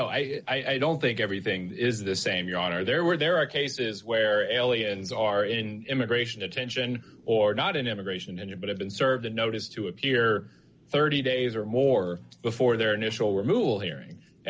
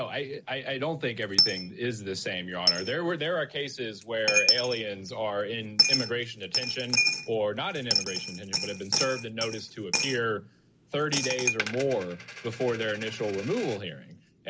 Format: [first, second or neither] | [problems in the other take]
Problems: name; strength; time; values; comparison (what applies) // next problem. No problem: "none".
first | background sound (Coin (dropping)); as loud as the speech